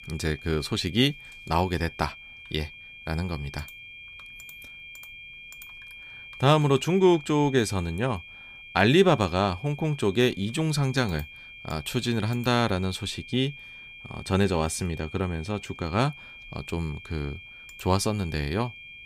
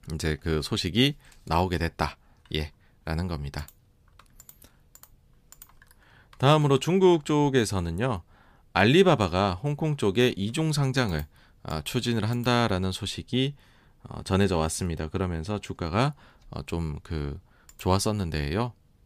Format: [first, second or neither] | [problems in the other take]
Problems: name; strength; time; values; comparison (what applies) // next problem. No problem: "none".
second | high-pitched whine; noticeable; throughout; 2.5 kHz, 15 dB below the speech